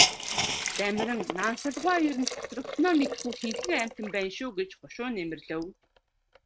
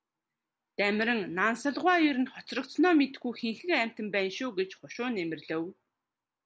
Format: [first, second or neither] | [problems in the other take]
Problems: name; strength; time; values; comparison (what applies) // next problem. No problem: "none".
second | noise reduction (neural mask model RNNoise)